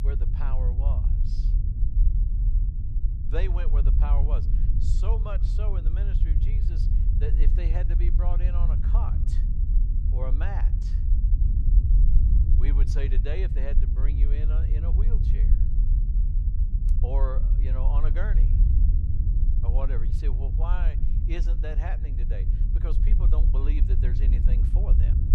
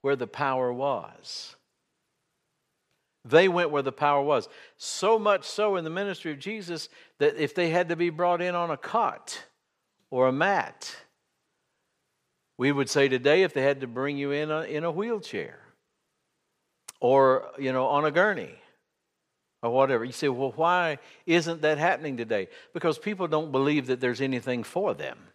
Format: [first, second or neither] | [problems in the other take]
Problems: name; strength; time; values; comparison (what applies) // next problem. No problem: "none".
second | low rumble; loud; throughout; 4 dB below the speech